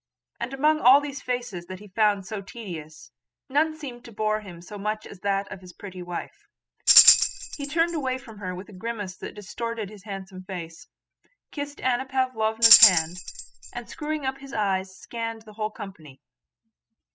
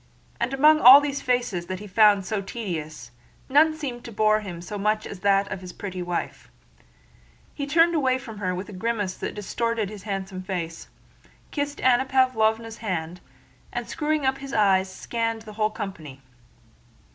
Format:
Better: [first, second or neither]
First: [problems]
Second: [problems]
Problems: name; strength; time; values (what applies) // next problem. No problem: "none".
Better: second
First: noise reduction (classical method spectral subtraction)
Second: none